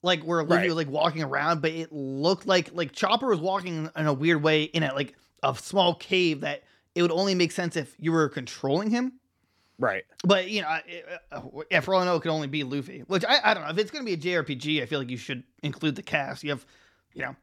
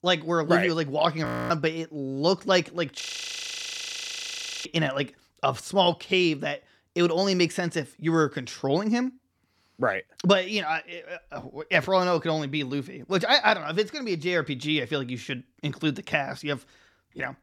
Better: first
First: none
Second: audio freezing; at 1.5 s and at 3 s for 1.5 s

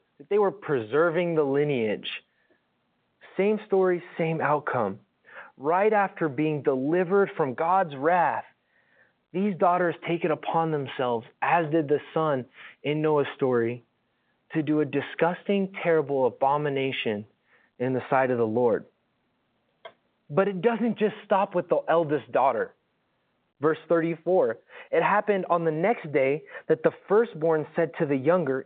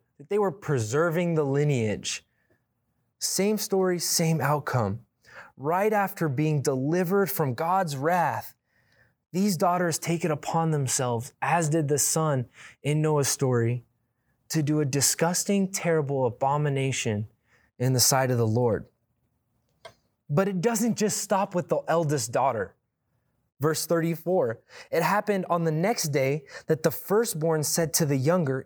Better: second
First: phone-call audio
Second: none

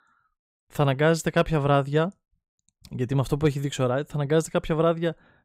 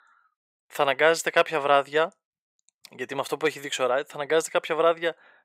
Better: first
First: none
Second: thin; very; fading below 600 Hz

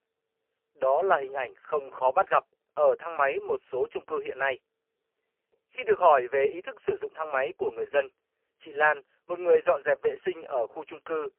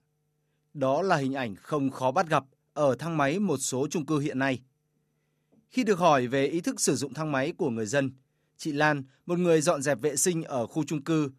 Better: second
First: phone-call audio; poor line; nothing above 3 kHz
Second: none

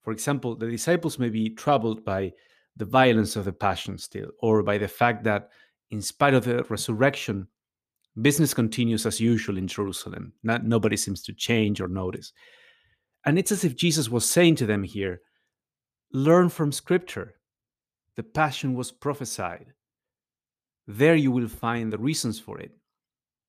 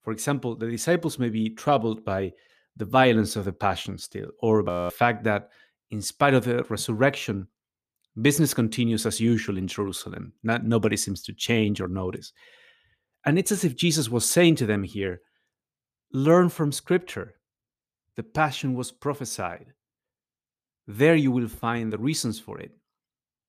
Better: first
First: none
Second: audio freezing; at 4.5 s

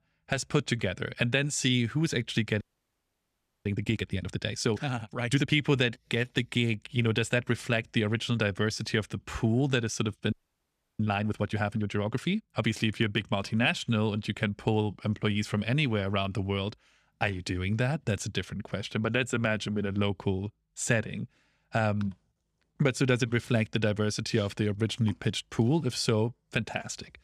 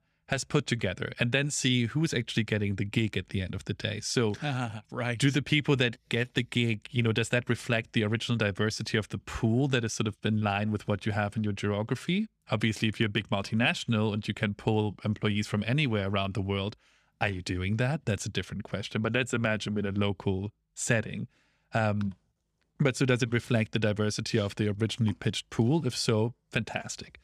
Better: second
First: audio freezing; at 2.5 s for 1 s and at 10 s for 0.5 s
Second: none

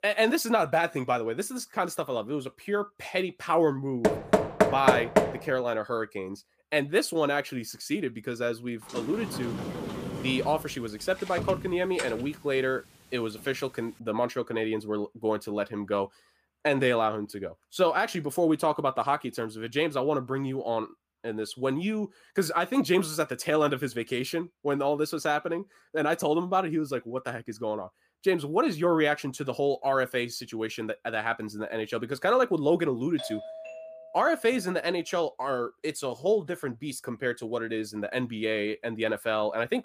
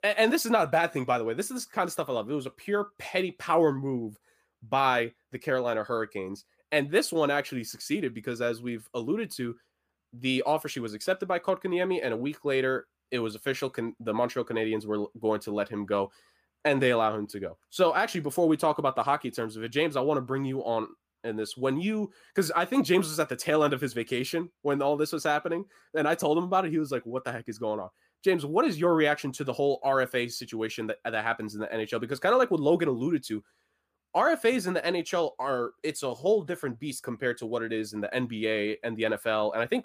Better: second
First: door banging; loud; from 4 to 5.5 s; peak 6 dB above the speech // door banging; noticeable; from 9 to 13 s; peak 6 dB below the speech // doorbell; noticeable; from 33 to 35 s; peak 10 dB below the speech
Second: none

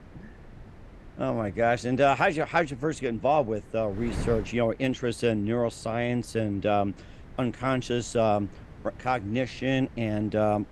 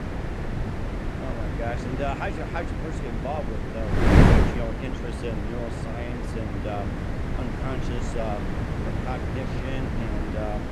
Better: first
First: wind noise on the microphone; occasional gusts; 25 dB below the speech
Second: wind noise on the microphone; heavy; 3 dB above the speech

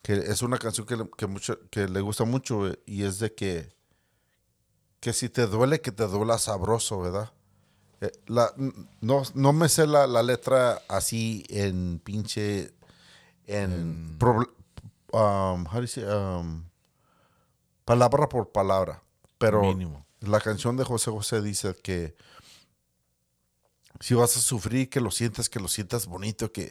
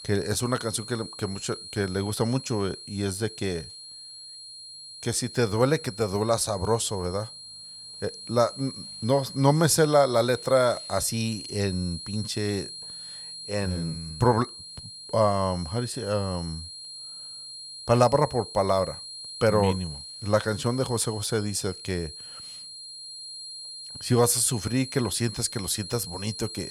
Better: first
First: none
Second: high-pitched whine; noticeable; throughout; 4 kHz, 10 dB below the speech

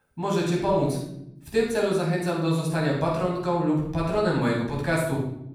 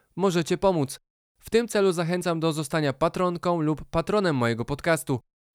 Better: second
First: off-mic speech; far // room echo; noticeable; dies away in 0.8 s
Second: none

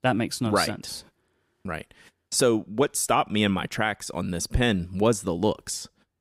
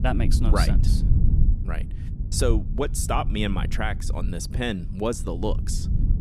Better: first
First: none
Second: low rumble; noticeable; throughout; 10 dB below the speech

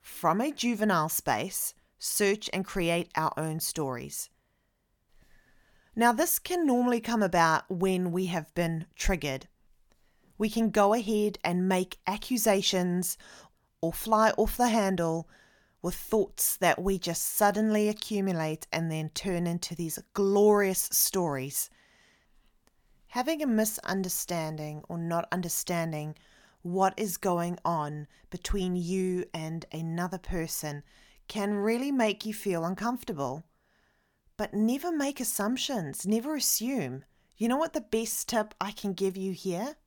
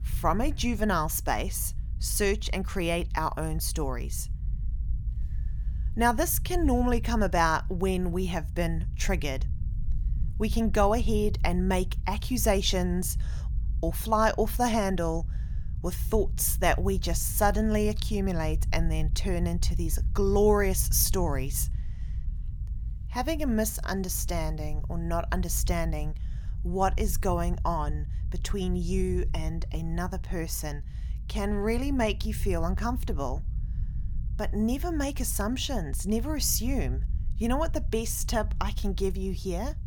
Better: first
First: none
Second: low rumble; faint; throughout; 20 dB below the speech

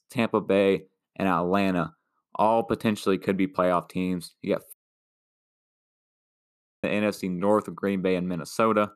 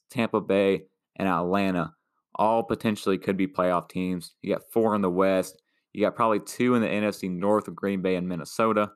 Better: second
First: audio cutting out; at 4.5 s for 2 s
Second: none

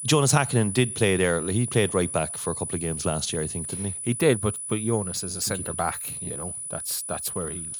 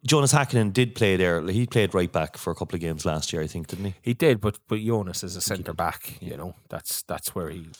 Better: second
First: high-pitched whine; loud; throughout; 10 kHz, 5 dB below the speech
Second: none

